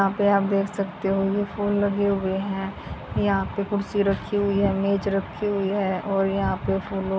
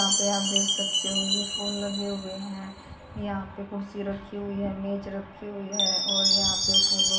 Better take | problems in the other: first | background sound (Chime); 4 dB above the speech // room echo; dies away in 0.7 s

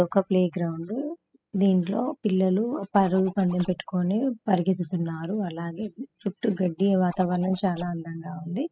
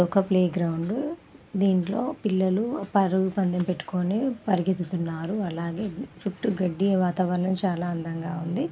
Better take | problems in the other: second | noise reduction (classical method spectral subtraction)

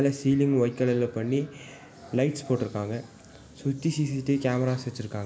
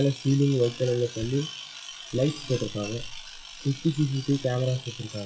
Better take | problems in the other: first | noise reduction (classical method WPE with log-MMSE)

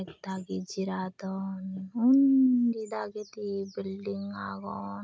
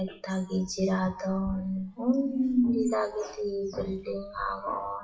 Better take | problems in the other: first | noise reduction (classical method WPE with log-MMSE)

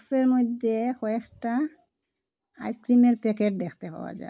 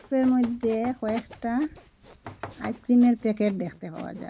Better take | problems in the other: first | background sound (Sawing + Knock); 18 dB below the speech

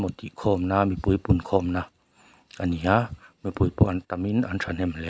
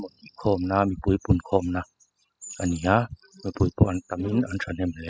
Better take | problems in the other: first | noise reduction (classical method spectral subtraction)

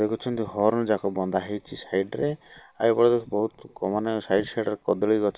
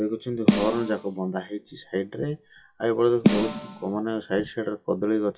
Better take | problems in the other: first | noise reduction (classical method WPE with log-MMSE)

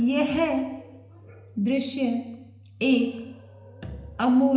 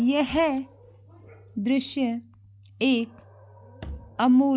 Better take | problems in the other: second | room echo; dies away in 0.8 s

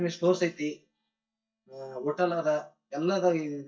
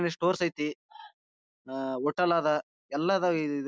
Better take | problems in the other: second | noise reduction (neural mask model DeepFilterNet 3)

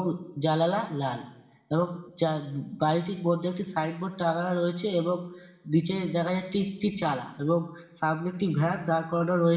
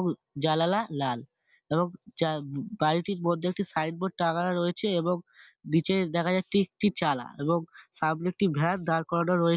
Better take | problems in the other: second | room echo; dies away in 0.9 s

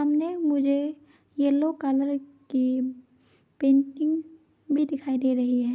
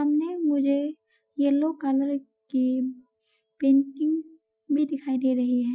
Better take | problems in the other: first | noise reduction (classical method Wiener filter)

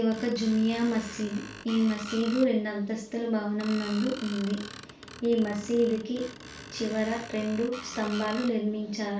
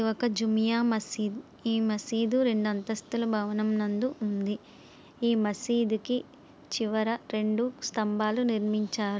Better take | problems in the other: second | background sound (Screech); 15 dB below the speech // room echo; dies away in 0.3 s

